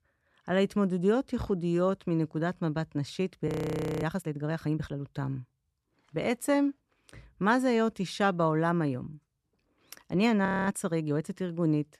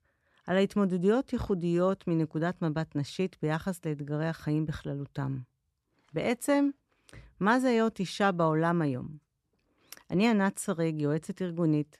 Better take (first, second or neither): second